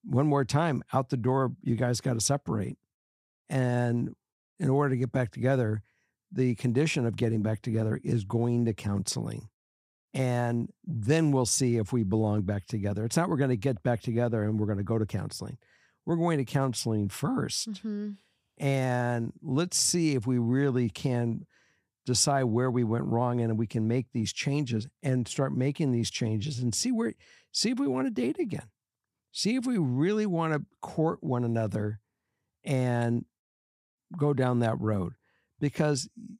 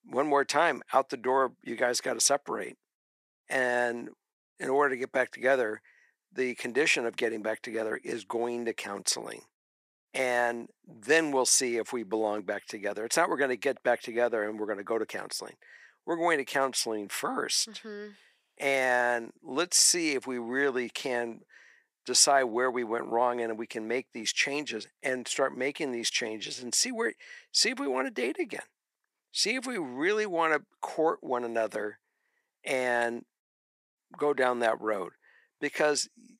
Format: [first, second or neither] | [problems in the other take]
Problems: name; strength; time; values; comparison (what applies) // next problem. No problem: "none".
first | thin; very; fading below 400 Hz